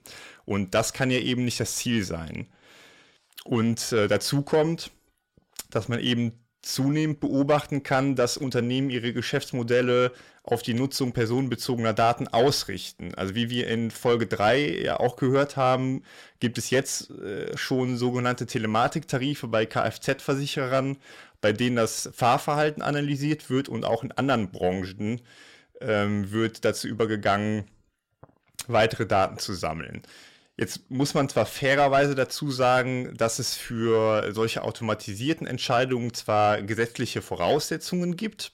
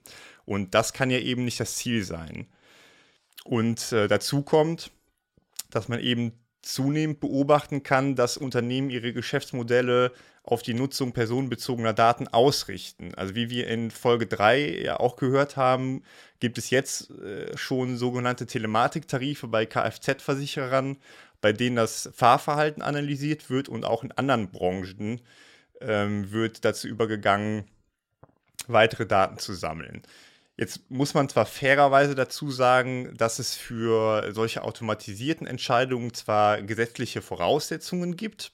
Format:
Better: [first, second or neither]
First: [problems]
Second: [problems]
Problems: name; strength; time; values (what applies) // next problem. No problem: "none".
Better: second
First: distortion; slight; 10 dB below the speech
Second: none